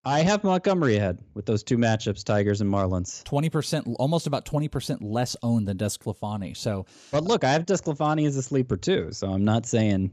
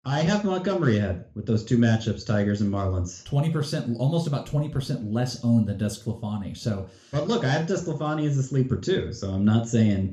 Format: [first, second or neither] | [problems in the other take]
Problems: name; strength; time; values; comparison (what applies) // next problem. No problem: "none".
first | room echo; very slight; dies away in 0.3 s